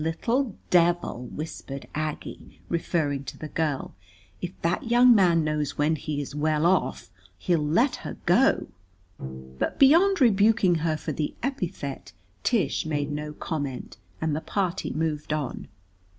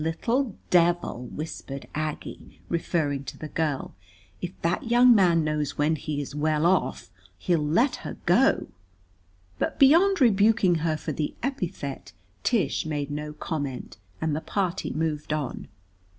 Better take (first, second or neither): second